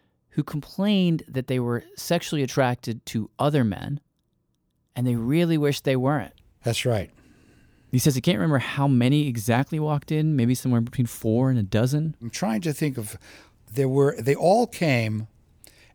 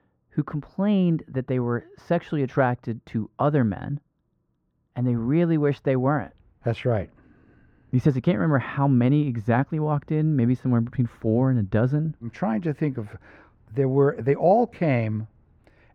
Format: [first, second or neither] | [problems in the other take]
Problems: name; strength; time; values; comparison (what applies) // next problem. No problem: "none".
first | muffled; very; fading above 4 kHz